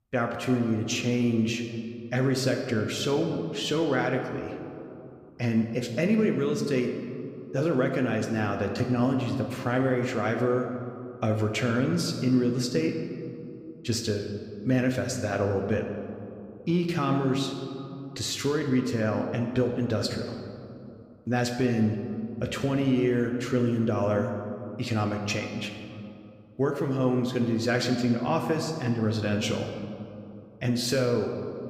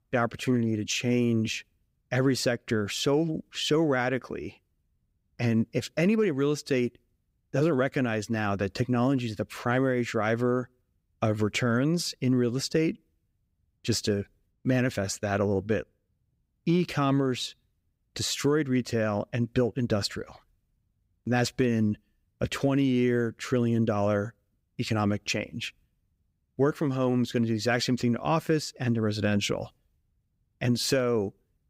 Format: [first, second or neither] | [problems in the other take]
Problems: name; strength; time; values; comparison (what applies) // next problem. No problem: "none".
second | room echo; slight; dies away in 2 s